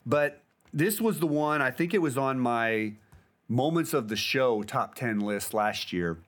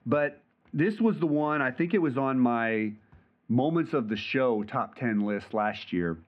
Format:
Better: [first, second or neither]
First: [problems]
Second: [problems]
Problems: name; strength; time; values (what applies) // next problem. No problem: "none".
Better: first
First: none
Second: muffled; slightly; fading above 3 kHz